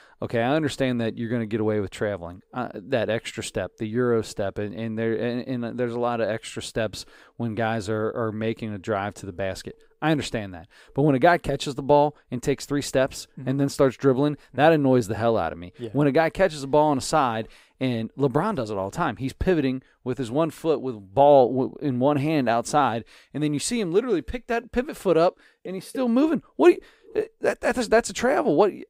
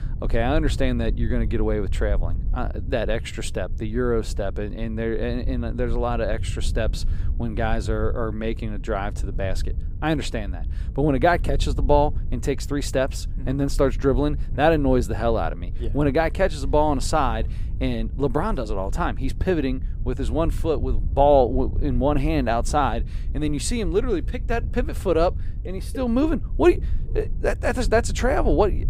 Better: first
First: none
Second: low rumble; faint; throughout; 20 dB below the speech

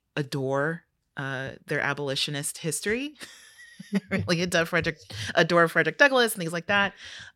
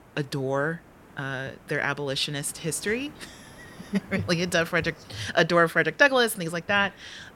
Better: first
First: none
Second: hiss; faint; throughout; 25 dB below the speech

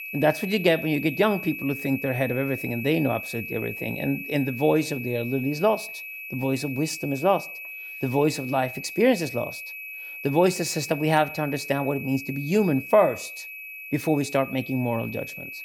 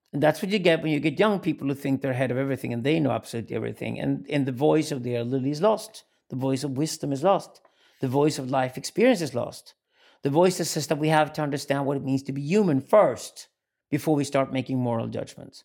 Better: second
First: high-pitched whine; loud; throughout; 2.5 kHz, 9 dB below the speech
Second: none

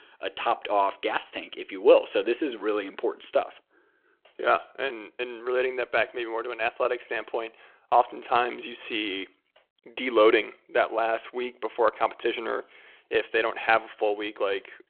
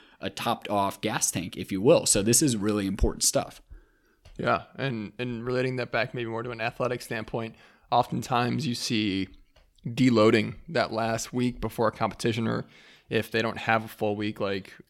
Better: second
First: phone-call audio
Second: none

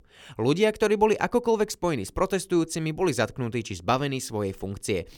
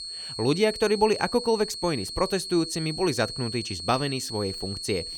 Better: first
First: none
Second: high-pitched whine; loud; throughout; 4.5 kHz, 7 dB below the speech

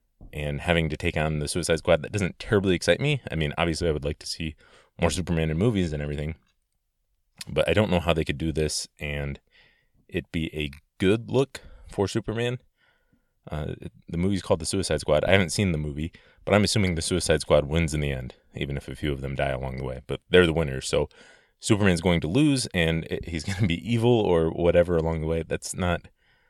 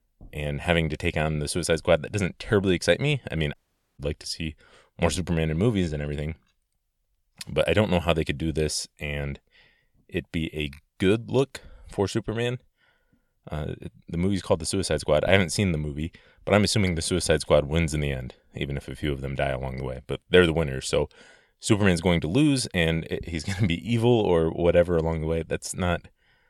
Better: first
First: none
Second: audio cutting out; at 3.5 s

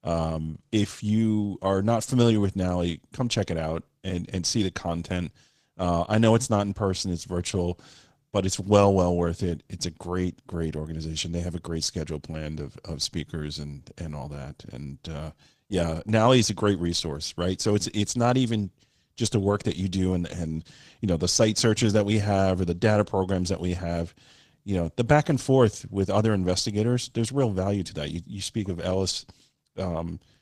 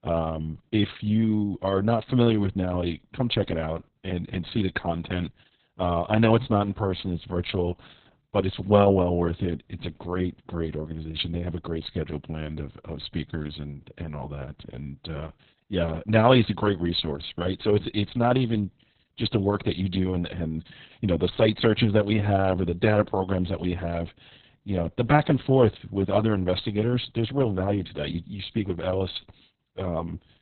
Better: first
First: garbled, watery; slightly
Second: garbled, watery; badly; nothing above 4 kHz

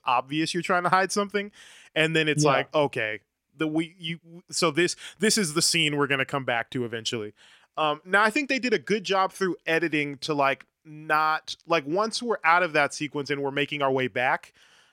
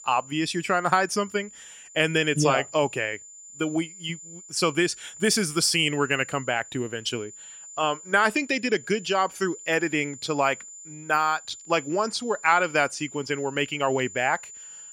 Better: first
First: none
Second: high-pitched whine; noticeable; throughout; 7 kHz, 15 dB below the speech

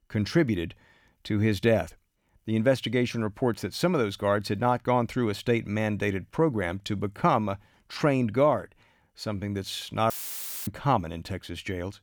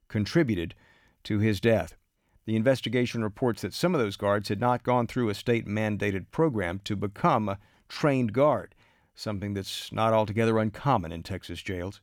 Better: second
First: audio cutting out; filled with static; at 10 s for 0.5 s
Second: none

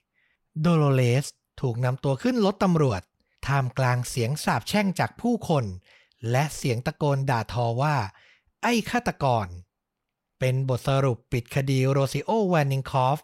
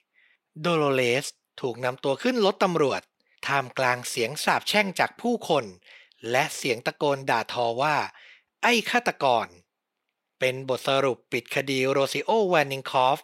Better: first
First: none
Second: thin; somewhat; fading below 350 Hz

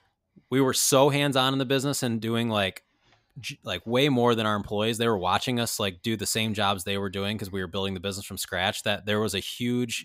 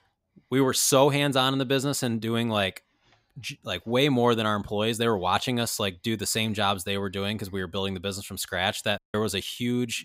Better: first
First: none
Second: audio cutting out; at 9 s

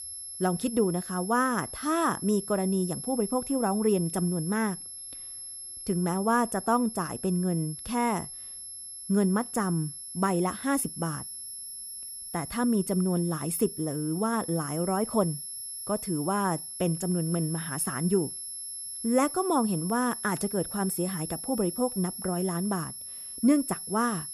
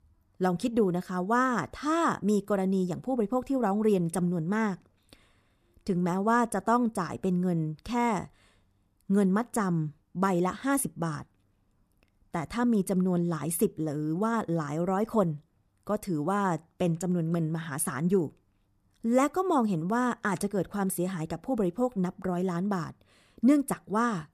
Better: second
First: high-pitched whine; loud; throughout; 11 kHz, 8 dB below the speech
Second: none

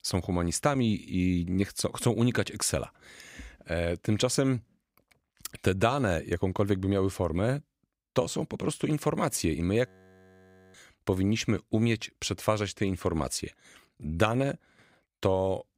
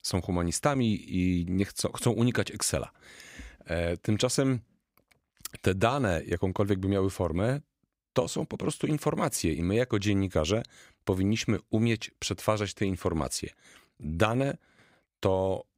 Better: second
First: audio freezing; at 10 s for 1 s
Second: none

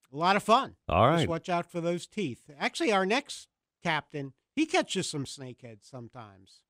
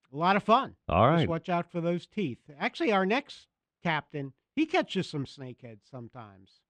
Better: first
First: none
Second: muffled; slightly; fading above 3.5 kHz

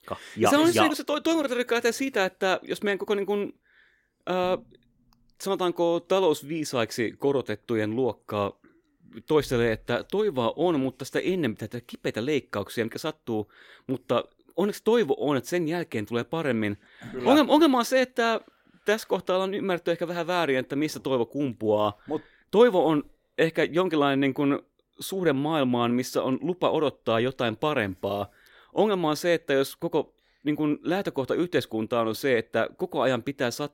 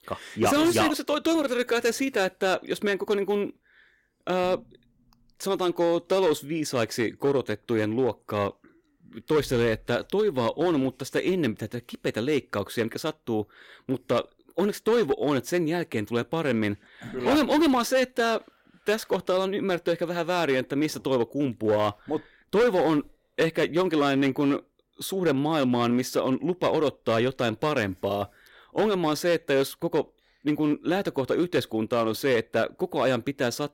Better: first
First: none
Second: distortion; slight; 5% of the sound clipped

